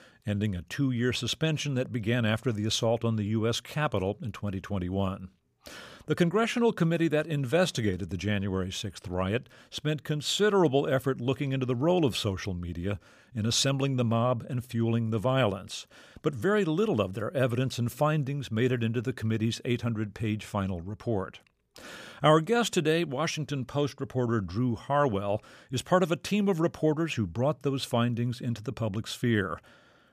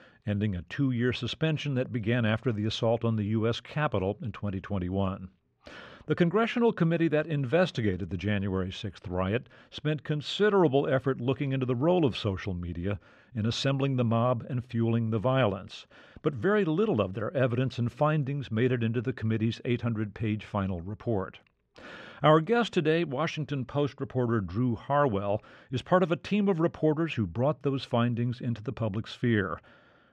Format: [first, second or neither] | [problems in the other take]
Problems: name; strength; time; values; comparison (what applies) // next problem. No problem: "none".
first | muffled; slightly; fading above 3 kHz